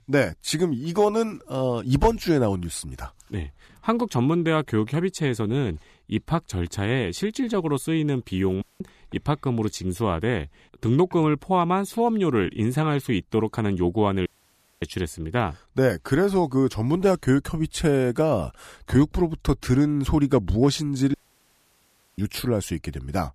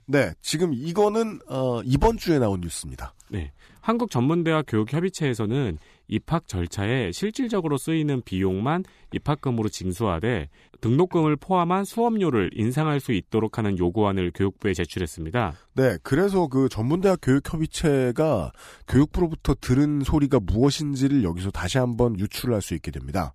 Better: second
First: audio cutting out; at 8.5 s, at 14 s for 0.5 s and at 21 s for 1 s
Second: none

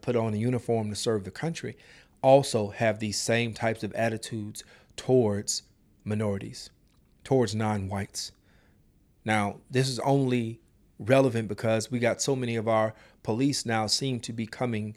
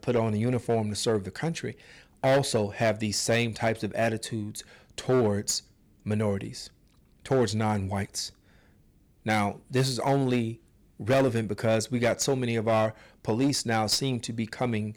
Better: first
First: none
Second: distortion; slight; 7% of the sound clipped

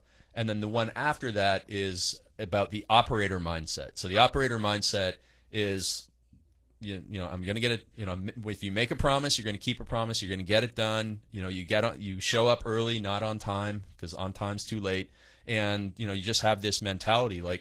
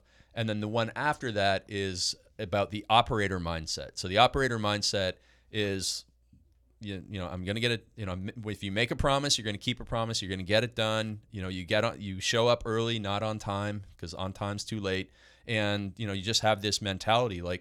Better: second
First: garbled, watery; slightly; nothing above 15.5 kHz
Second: none

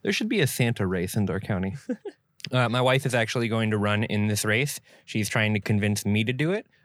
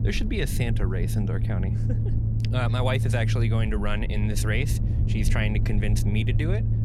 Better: first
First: none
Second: low rumble; loud; throughout; 7 dB below the speech

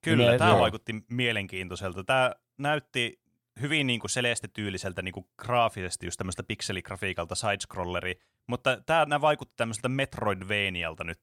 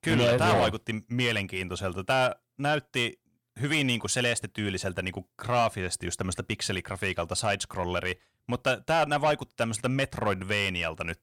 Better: first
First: none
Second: distortion; slight; 10 dB below the speech

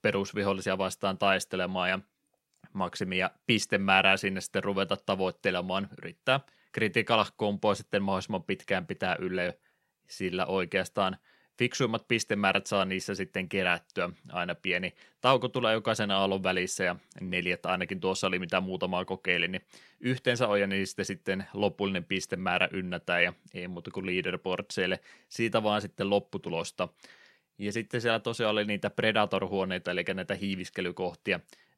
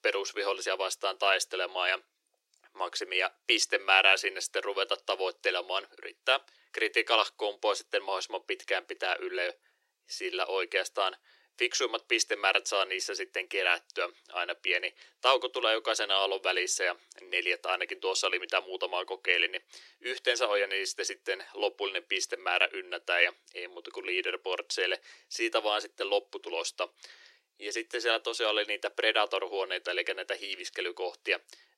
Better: first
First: none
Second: thin; very; fading below 350 Hz

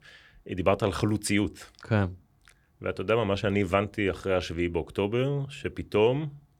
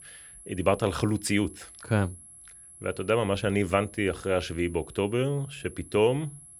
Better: first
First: none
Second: high-pitched whine; noticeable; throughout; 11 kHz, 20 dB below the speech

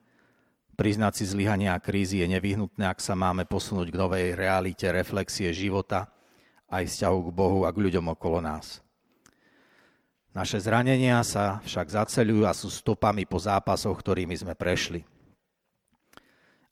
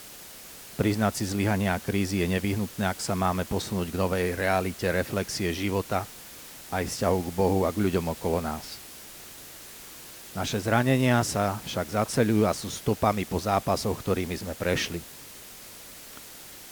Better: first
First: none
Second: hiss; noticeable; throughout; 15 dB below the speech

